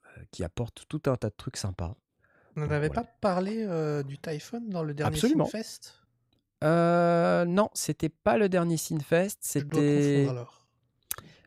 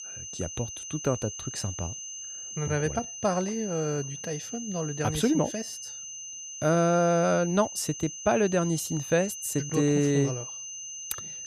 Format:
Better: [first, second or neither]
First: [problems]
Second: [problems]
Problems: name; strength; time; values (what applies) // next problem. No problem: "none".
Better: first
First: none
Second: high-pitched whine; loud; throughout; 6 kHz, 9 dB below the speech